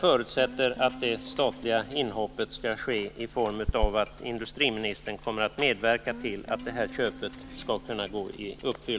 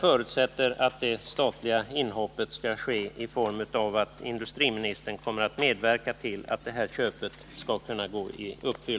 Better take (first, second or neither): second